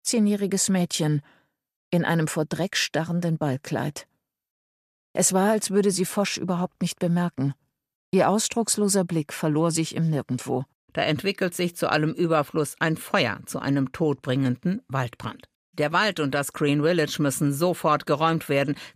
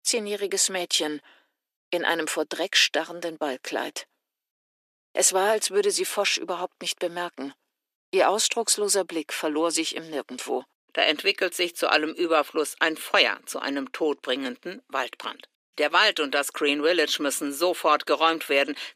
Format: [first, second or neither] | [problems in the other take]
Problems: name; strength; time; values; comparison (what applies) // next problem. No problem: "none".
first | thin; somewhat; fading below 300 Hz